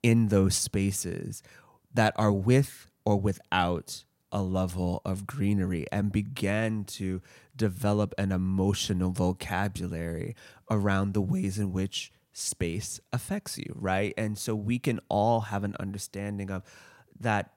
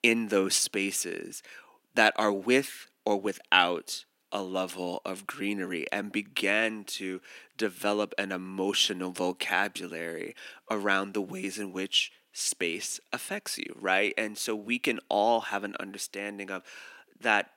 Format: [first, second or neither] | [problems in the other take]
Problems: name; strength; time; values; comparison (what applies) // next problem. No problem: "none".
first | thin; somewhat; fading below 300 Hz